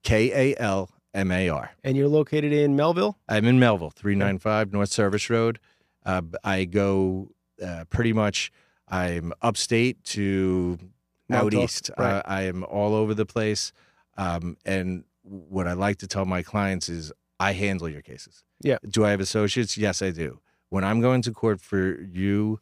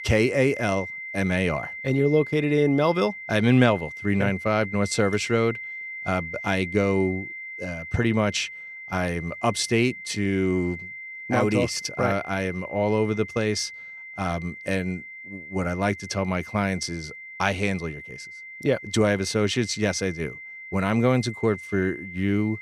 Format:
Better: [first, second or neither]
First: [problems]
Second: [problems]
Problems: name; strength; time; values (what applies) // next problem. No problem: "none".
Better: first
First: none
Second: high-pitched whine; noticeable; throughout; 2 kHz, 10 dB below the speech